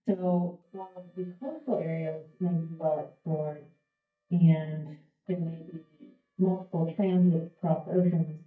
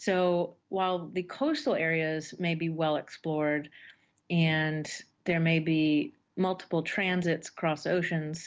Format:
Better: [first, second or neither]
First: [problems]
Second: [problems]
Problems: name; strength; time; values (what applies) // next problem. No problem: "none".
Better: second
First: noise reduction (neural mask model DeepFilterNet 3)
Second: none